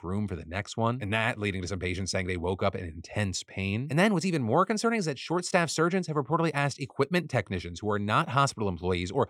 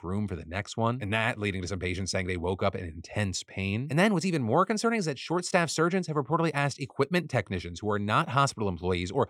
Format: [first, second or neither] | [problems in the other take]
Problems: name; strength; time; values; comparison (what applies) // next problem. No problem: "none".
neither | none